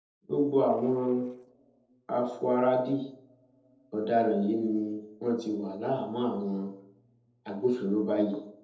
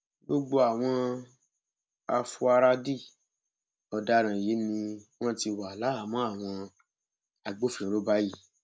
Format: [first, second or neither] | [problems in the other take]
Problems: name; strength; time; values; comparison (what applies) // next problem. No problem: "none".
second | noise reduction (neural separator model SepFormer DNS4)